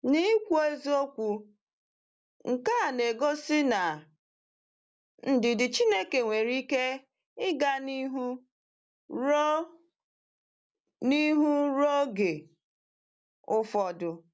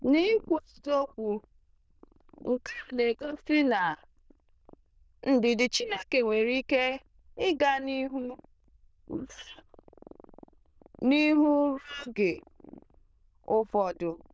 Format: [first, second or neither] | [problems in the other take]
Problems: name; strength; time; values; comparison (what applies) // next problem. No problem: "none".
first | noise reduction (neural diffusion model UNIVERSE++)